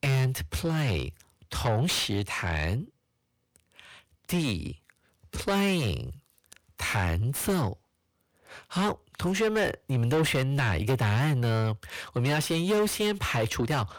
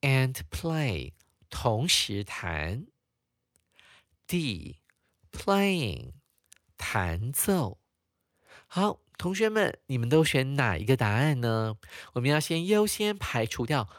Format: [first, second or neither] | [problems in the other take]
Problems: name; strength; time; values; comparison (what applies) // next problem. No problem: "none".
second | distortion; heavy; 5 dB below the speech